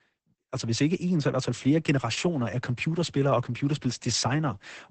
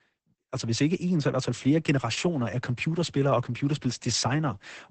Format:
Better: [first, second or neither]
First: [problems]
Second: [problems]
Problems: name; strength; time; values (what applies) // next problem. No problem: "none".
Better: neither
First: garbled, watery; badly; nothing above 8 kHz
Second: garbled, watery; badly; nothing above 8 kHz